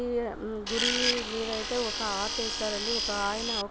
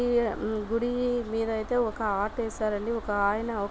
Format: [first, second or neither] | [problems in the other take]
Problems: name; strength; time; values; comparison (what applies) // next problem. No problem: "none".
second | background sound (Tools); 1 dB above the speech